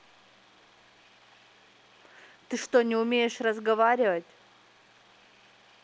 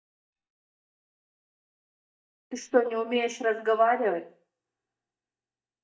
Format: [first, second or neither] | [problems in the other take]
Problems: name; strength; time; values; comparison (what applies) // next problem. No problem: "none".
first | noise reduction (neural mask model DeepFilterNet 3)